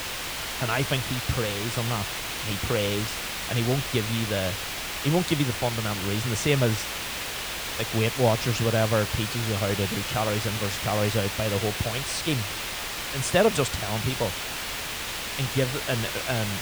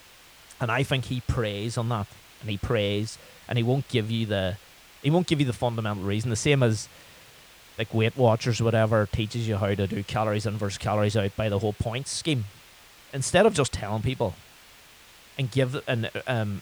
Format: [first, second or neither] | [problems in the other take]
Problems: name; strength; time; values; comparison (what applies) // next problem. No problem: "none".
second | hiss; loud; throughout; 3 dB below the speech; faint in the second